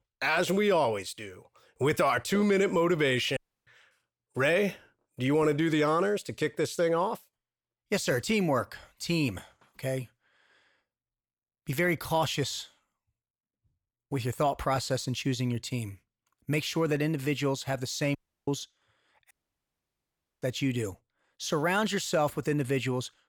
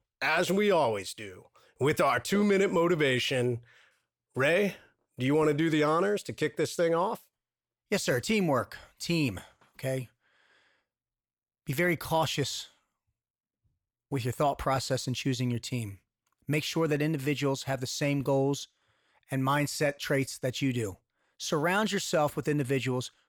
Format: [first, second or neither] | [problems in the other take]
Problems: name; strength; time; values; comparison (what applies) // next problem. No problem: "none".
second | audio cutting out; at 3.5 s, at 18 s and at 19 s for 1 s